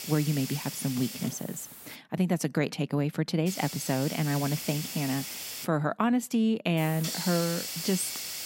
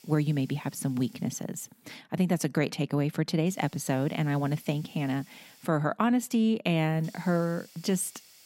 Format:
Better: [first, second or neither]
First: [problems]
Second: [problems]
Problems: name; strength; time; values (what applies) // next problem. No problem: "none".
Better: second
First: hiss; loud; until 2 s, from 3.5 to 5.5 s and from 7 s on; 6 dB below the speech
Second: hiss; faint; until 2 s, from 3.5 to 5.5 s and from 7 s on; 25 dB below the speech